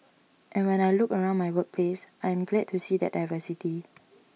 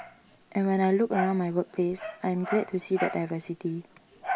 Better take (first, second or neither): first